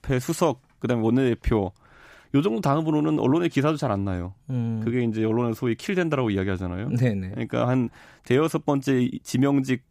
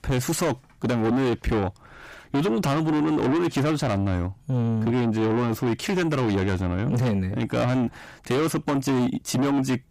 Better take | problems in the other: first | distortion; heavy; 6 dB below the speech

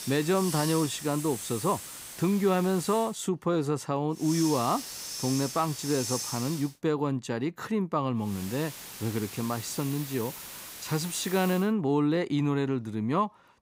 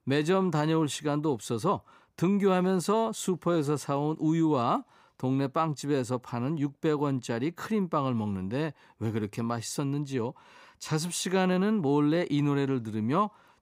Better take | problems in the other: second | hiss; loud; until 3 s, from 4 to 6.5 s and from 8.5 to 12 s; 8 dB below the speech

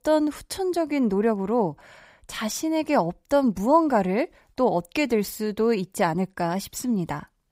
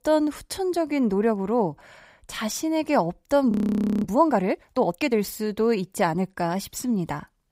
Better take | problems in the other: first | audio freezing; at 3.5 s for 0.5 s

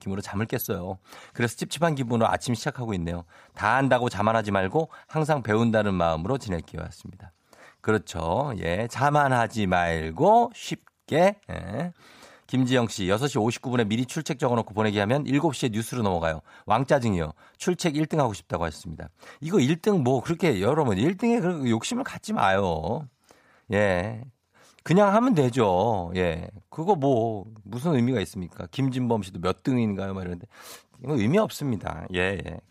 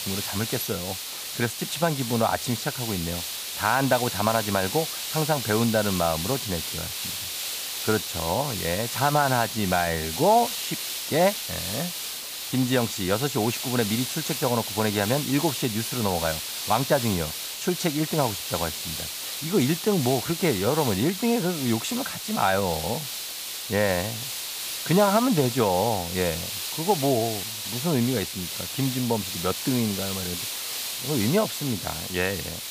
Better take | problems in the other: first | hiss; loud; throughout; 4 dB below the speech

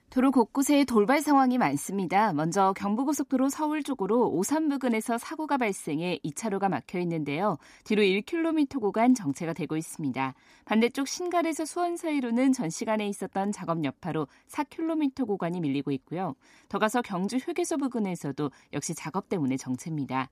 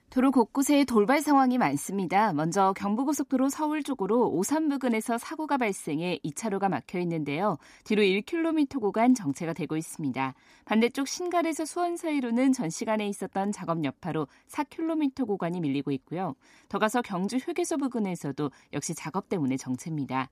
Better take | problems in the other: neither | none

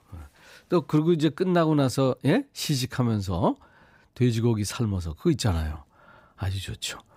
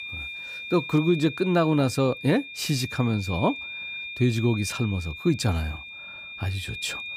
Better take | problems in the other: first | high-pitched whine; loud; throughout; 2.5 kHz, 10 dB below the speech

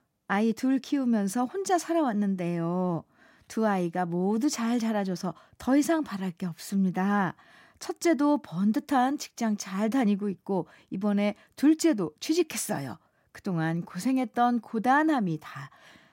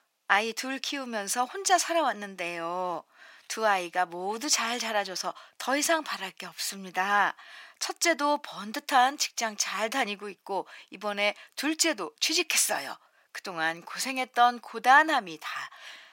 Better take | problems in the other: first | thin; very; fading below 750 Hz

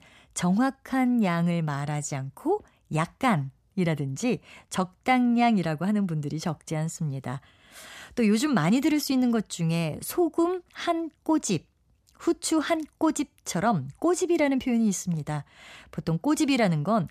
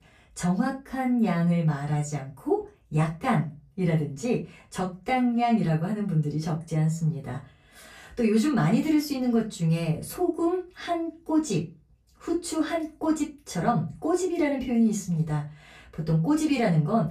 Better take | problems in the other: first | off-mic speech; far // room echo; very slight; dies away in 0.2 s

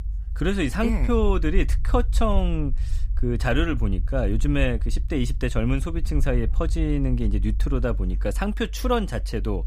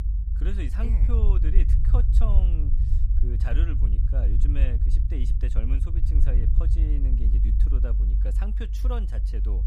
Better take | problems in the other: first | low rumble; loud; throughout; 2 dB below the speech; faint in the first

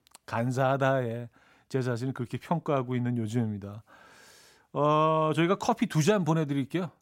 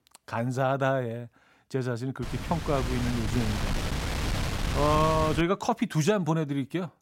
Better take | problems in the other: first | wind noise on the microphone; heavy; from 2 to 5.5 s; 6 dB below the speech

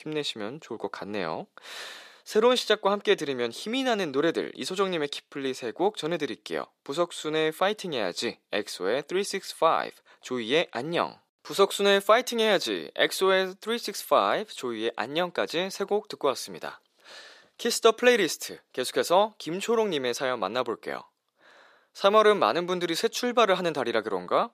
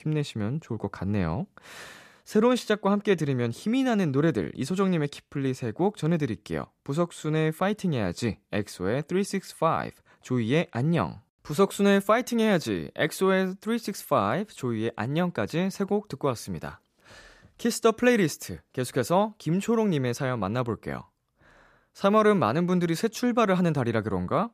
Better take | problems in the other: second | thin; somewhat; fading below 450 Hz

